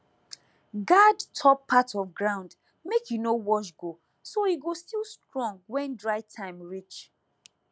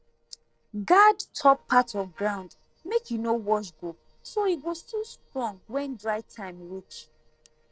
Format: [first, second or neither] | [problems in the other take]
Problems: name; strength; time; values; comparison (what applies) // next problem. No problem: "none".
first | noise reduction (neural separator model SepFormer DNS4)